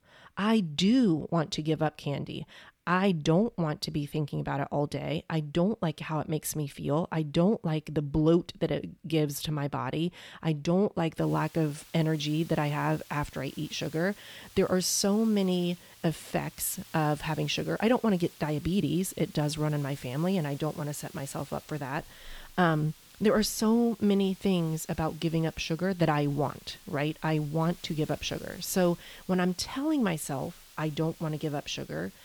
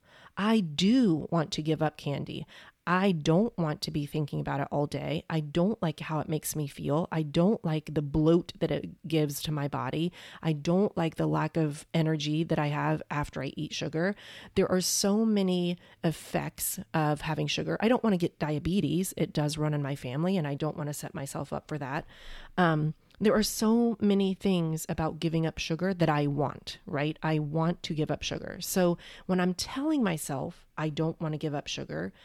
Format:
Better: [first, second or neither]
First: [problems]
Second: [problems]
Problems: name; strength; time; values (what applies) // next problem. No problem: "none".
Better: second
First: hiss; faint; from 11 s on; 20 dB below the speech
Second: none